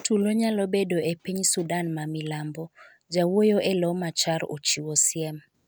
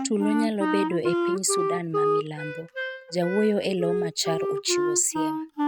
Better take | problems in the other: first | noise reduction (neural mask model RNNoise)

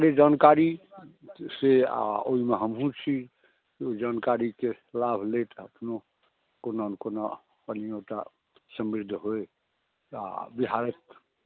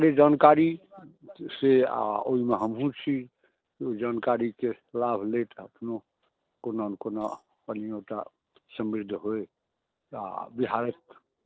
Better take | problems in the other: first | noise reduction (neural separator model SepFormer DNS4)

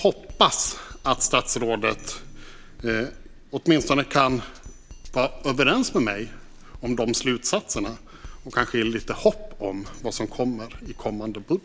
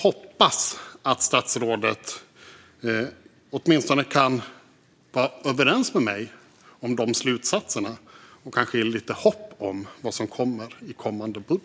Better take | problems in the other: second | background sound (Drum kit); 15 dB below the speech

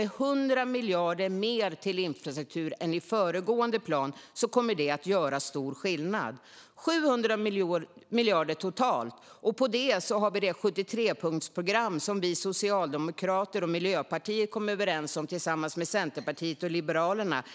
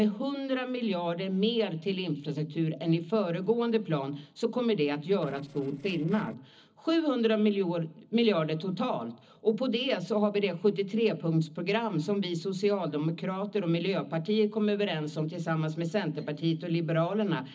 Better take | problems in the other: first | noise reduction (neural separator model SepFormer DNS4)

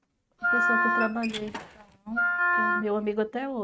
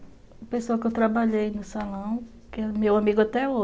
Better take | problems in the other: second | noise reduction (neural mask model RNNoise)

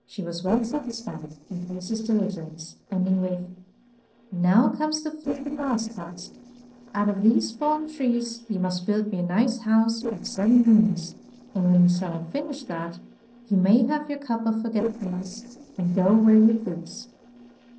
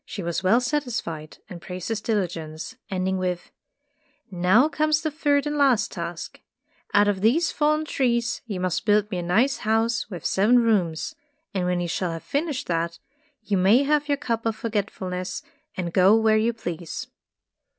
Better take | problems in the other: second | noise reduction (neural separator model SepFormer DNS4)

